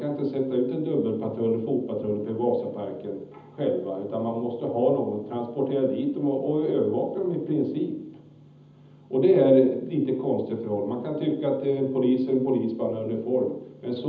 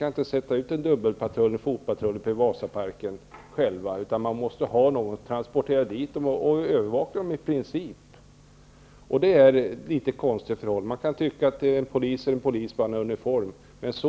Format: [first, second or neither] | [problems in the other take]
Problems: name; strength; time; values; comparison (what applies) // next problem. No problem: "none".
second | room echo; dies away in 0.8 s